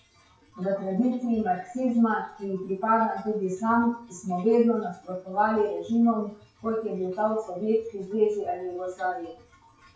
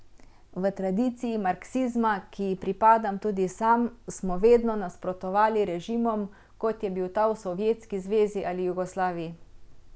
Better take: second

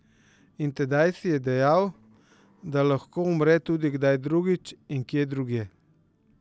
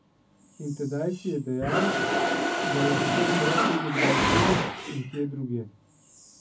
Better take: first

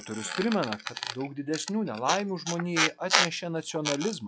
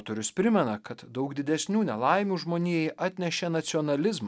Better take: second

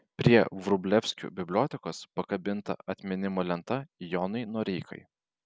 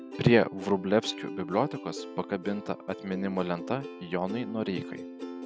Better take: first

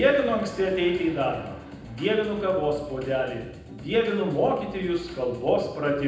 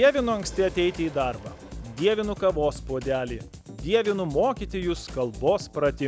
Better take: second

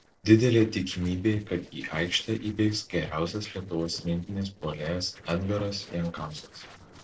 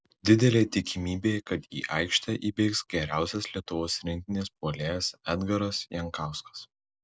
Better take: second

